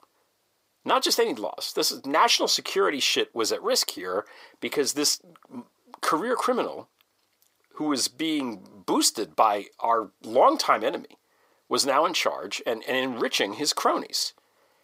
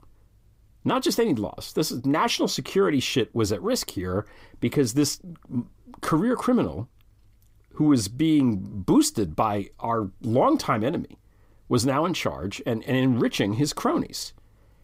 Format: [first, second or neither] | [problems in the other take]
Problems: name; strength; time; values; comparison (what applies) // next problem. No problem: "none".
second | thin; somewhat; fading below 600 Hz